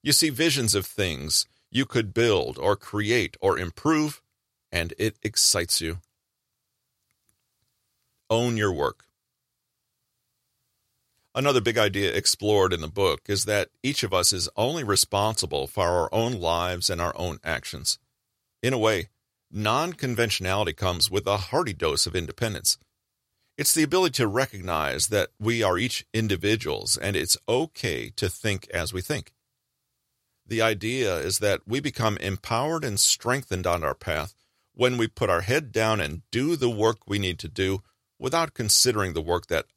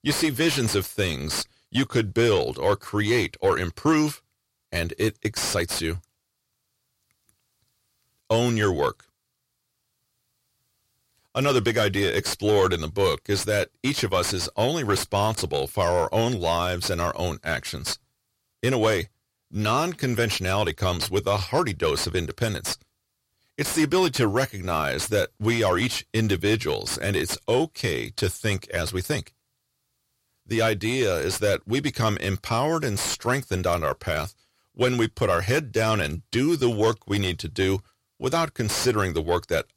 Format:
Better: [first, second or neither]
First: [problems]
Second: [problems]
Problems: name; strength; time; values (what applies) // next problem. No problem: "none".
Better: first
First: none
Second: distortion; heavy; 8 dB below the speech